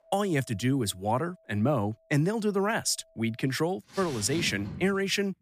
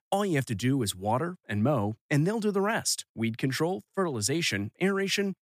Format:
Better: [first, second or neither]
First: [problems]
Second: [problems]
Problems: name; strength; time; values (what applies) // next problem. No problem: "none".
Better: second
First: household noises; noticeable; throughout; 15 dB below the speech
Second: none